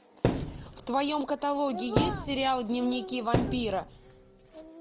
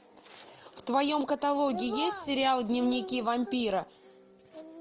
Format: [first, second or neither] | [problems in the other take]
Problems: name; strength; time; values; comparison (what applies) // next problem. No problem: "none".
second | background sound (Thump, thud); 3 dB below the speech